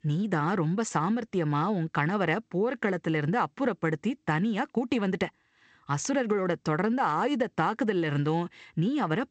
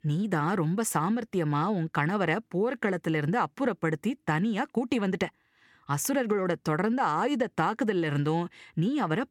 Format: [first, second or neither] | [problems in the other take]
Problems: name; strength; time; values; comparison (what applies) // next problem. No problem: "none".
second | garbled, watery; slightly; nothing above 8 kHz